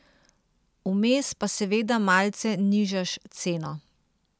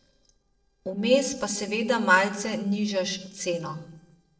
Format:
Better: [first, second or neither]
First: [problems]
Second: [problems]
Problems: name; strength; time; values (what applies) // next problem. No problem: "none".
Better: first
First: none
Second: noise reduction (neural separator model SepFormer DNS4)